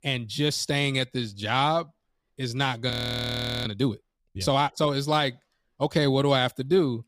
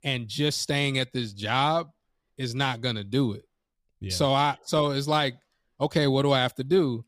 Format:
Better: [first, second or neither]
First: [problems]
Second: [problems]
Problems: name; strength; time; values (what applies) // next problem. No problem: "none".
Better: second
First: audio freezing; at 3 s for 1 s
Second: none